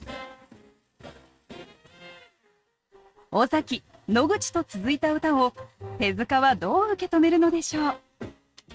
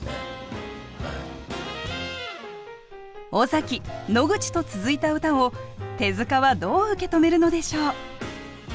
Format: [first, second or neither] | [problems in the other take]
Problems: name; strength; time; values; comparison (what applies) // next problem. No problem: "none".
second | noise reduction (neural mask model RNNoise)